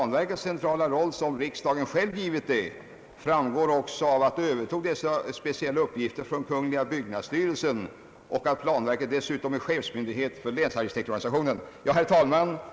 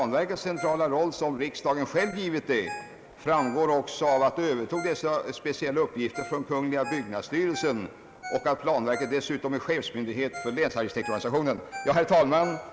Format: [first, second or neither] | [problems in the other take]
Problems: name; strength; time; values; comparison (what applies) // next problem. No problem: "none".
first | background sound (Ringtone); 16 dB below the speech